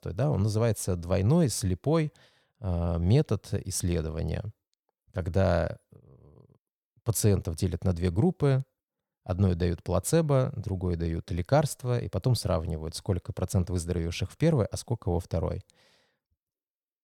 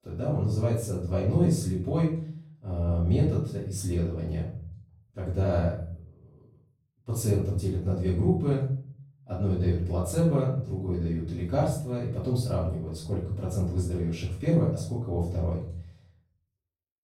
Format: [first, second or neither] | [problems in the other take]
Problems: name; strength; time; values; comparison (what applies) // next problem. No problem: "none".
first | off-mic speech; far // room echo; noticeable; dies away in 0.6 s